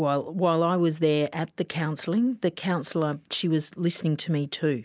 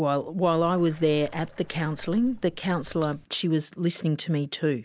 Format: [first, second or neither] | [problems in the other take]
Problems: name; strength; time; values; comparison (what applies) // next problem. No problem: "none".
first | background sound (Water); 19 dB below the speech